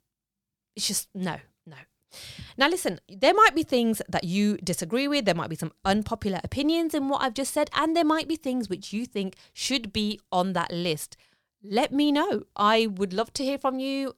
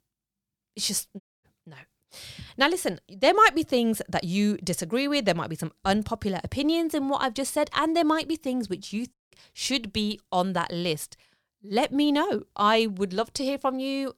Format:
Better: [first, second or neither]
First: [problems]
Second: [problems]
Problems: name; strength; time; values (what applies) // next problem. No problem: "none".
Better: first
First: none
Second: audio cutting out; at 1 s and at 9 s